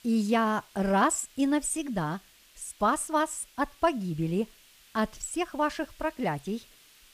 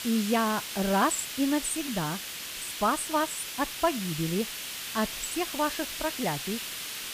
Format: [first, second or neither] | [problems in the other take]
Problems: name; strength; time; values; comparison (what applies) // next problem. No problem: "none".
first | hiss; loud; throughout; 5 dB below the speech; faint in the first